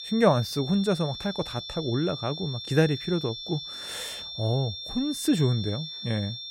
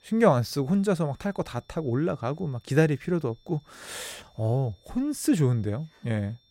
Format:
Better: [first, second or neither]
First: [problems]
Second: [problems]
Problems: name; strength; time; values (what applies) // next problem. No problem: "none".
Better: second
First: high-pitched whine; loud; throughout; 3.5 kHz, 8 dB below the speech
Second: high-pitched whine; faint; throughout; 3.5 kHz, 35 dB below the speech